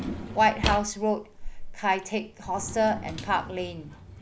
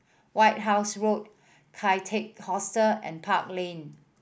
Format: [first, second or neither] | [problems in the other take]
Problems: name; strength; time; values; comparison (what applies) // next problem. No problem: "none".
second | background sound (Drawer open or close); 7 dB below the speech